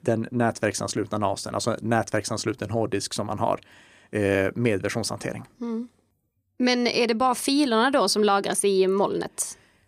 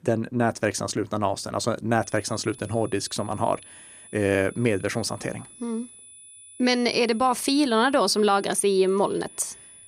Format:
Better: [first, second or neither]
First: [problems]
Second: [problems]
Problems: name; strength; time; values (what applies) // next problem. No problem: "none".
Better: first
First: none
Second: high-pitched whine; faint; from 2 s on; 10 kHz, 20 dB below the speech